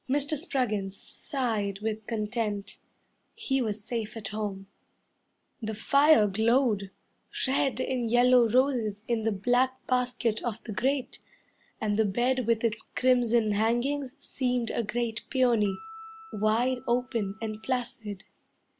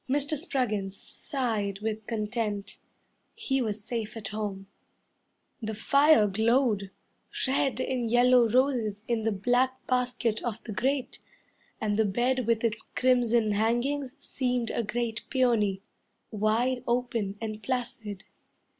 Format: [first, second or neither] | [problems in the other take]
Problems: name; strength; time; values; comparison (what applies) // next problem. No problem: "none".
second | background sound (Acoustic guitar); 19 dB below the speech